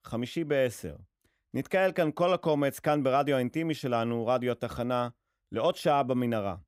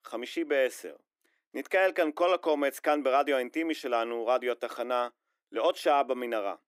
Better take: first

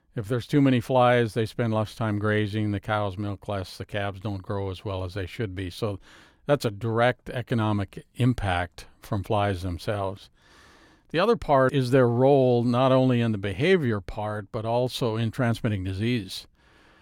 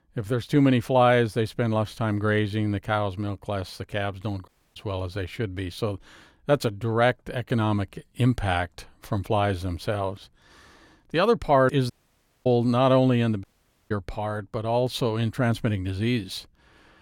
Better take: first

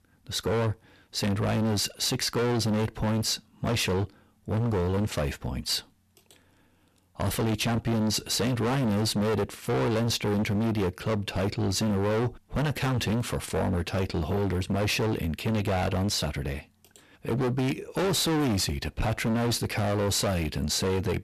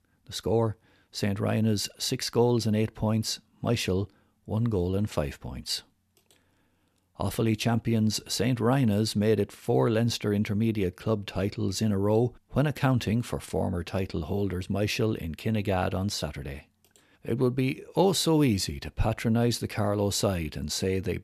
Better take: second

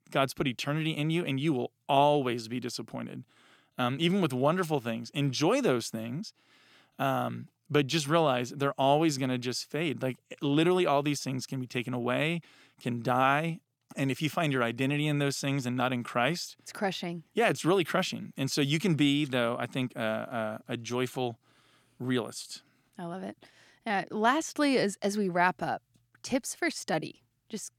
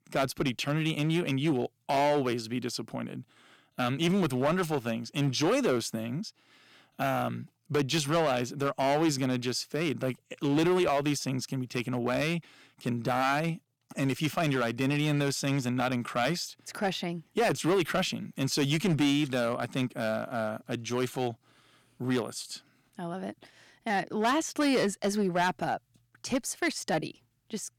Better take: first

